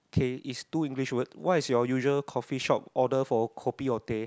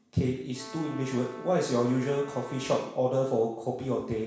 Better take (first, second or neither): first